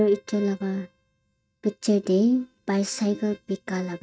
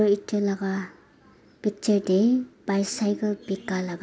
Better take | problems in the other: second | noise reduction (neural mask model RNNoise)

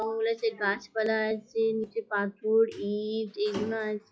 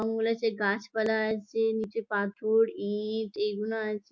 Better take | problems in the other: second | noise reduction (classical method log-MMSE)

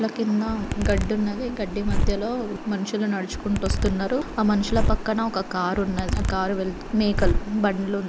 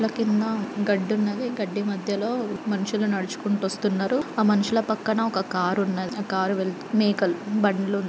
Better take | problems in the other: second | background sound (Zipper (clothing)); 2 dB below the speech

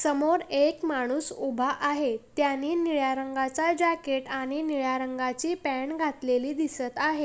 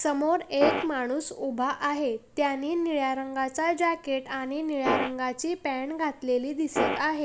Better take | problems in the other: first | background sound (Fart); 1 dB above the speech

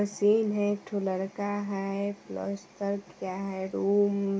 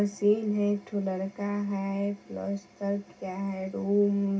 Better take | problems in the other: first | room echo; dies away in 0.4 s

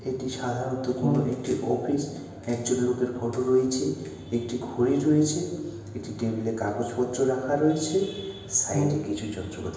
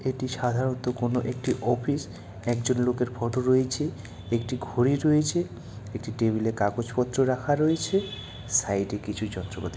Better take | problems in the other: second | background sound (Brass instrument); 2 dB below the speech // room echo; dies away in 1 s

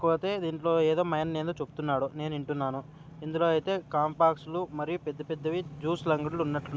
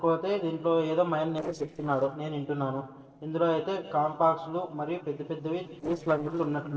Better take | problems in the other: first | noise reduction (neural separator model SepFormer DNS4)

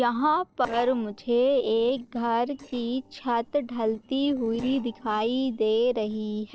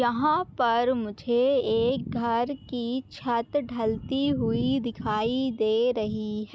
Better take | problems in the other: second | noise reduction (neural separator model SepFormer DNS4)

